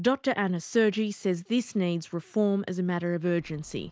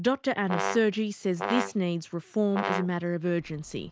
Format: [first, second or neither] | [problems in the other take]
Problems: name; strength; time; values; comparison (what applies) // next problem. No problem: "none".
first | background sound (Brass instrument); 6 dB below the speech